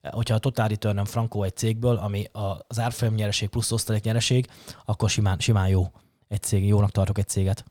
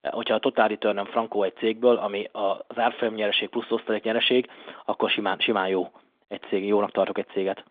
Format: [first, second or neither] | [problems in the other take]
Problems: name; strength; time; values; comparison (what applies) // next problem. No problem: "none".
first | phone-call audio; nothing above 3.5 kHz